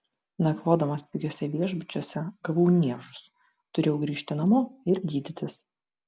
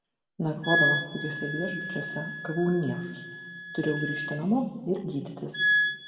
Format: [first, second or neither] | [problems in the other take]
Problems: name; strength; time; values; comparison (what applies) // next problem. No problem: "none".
first | background sound (Wind instrument, woodwind instrument); as loud as the speech // room echo; dies away in 1.4 s